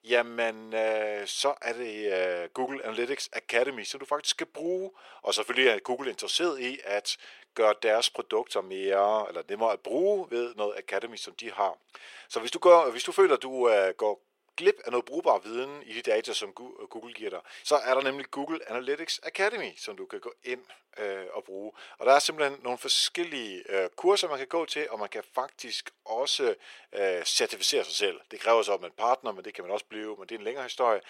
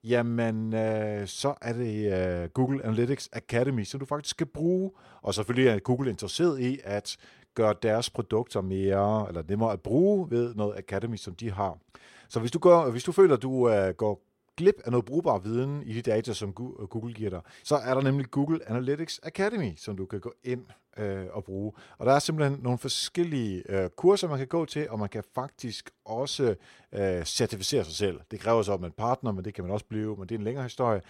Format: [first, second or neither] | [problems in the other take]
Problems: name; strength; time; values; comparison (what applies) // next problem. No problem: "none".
second | thin; very; fading below 450 Hz